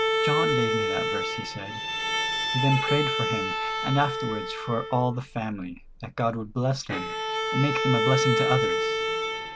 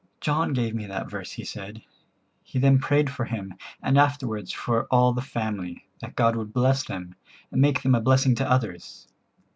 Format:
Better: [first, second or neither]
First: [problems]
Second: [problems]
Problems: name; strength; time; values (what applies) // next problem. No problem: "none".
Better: second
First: background sound (Bowed string instrument); 1 dB above the speech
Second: none